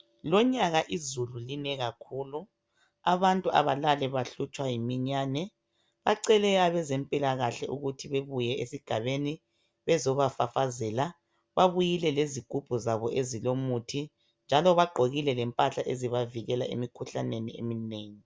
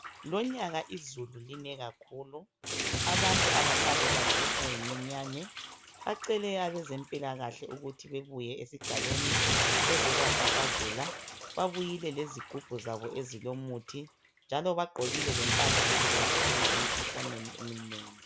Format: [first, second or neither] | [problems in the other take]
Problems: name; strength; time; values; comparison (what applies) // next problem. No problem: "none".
first | background sound (Bathtub (filling or washing)); 4 dB above the speech